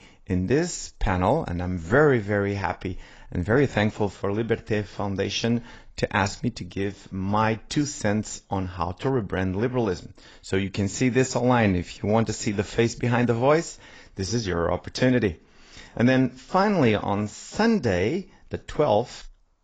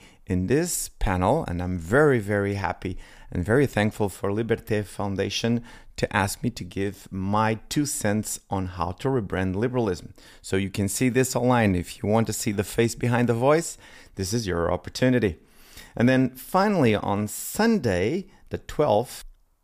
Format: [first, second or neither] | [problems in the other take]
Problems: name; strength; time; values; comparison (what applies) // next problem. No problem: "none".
second | garbled, watery; badly; nothing above 7.5 kHz